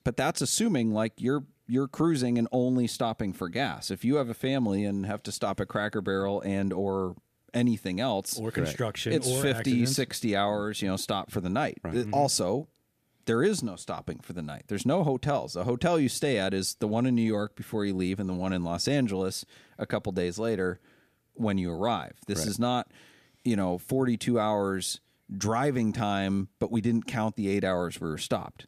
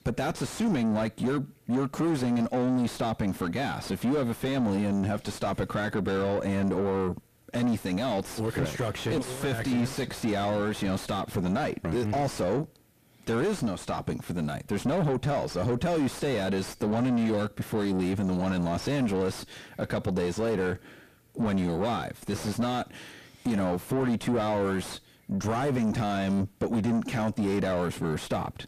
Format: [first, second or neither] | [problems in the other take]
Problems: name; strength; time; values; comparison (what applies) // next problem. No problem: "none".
first | distortion; heavy; 5 dB below the speech